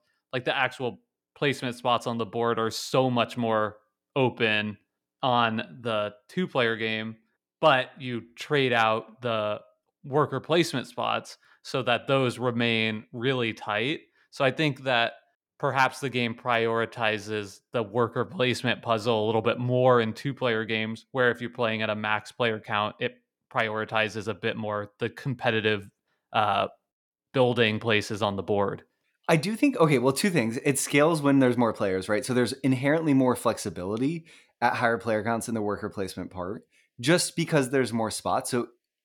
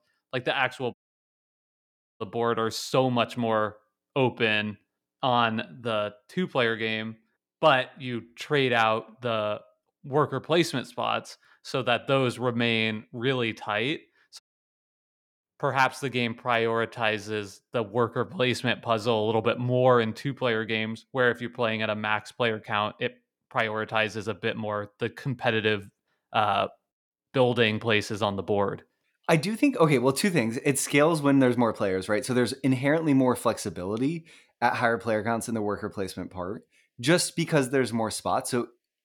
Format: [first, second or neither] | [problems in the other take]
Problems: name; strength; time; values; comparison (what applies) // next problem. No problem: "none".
first | audio cutting out; at 1 s for 1.5 s and at 14 s for 1 s